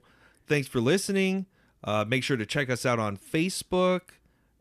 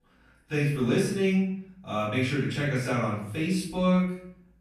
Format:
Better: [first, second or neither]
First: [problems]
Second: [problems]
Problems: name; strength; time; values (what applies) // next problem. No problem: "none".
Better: first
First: none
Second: off-mic speech; far // room echo; noticeable; dies away in 0.6 s